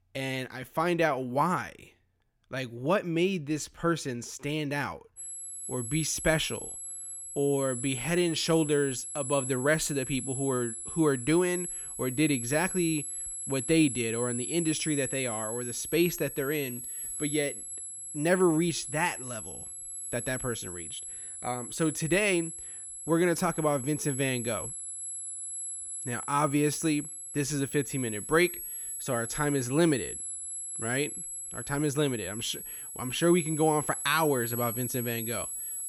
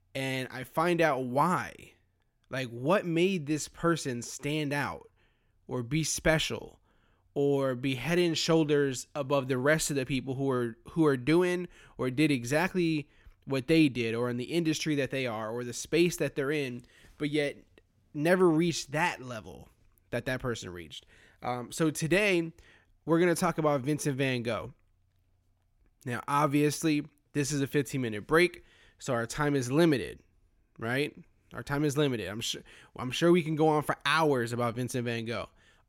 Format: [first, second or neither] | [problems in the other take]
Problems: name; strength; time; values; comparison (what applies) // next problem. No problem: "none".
second | high-pitched whine; loud; from 5 s on; 11 kHz, 6 dB below the speech